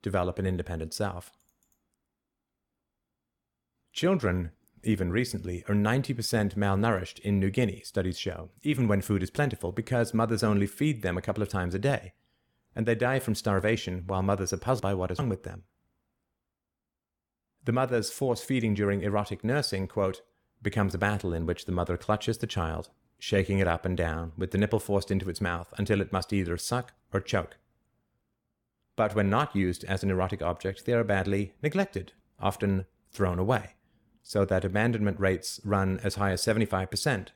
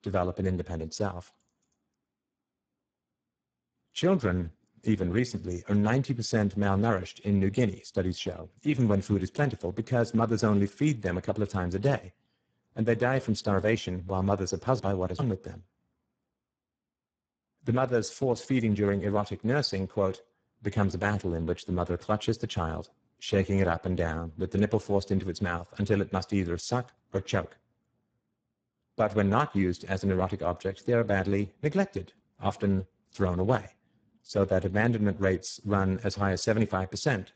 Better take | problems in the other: first | garbled, watery; badly; nothing above 7.5 kHz

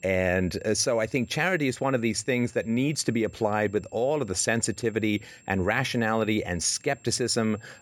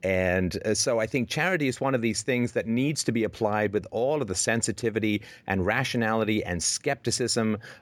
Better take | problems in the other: second | high-pitched whine; faint; throughout; 7.5 kHz, 30 dB below the speech

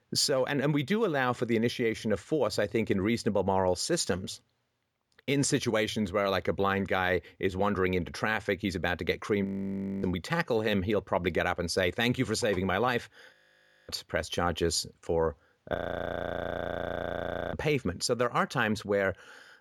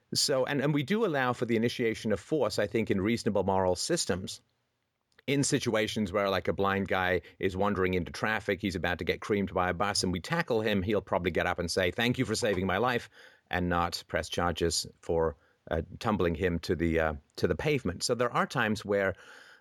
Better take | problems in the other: second | audio freezing; at 9.5 s for 0.5 s, at 13 s for 0.5 s and at 16 s for 2 s

